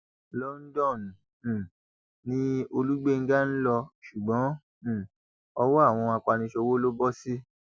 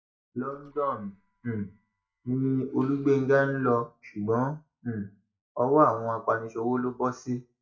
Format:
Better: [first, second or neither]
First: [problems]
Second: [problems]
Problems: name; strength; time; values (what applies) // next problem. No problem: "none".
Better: first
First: none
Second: noise reduction (neural mask model DeepFilterNet 3)